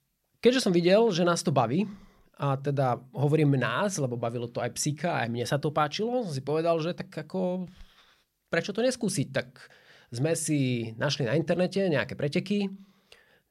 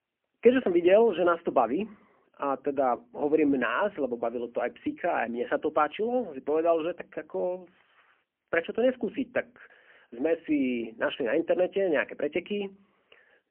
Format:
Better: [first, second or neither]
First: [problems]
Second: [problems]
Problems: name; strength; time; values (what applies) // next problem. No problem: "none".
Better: first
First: none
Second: phone-call audio; poor line; nothing above 3 kHz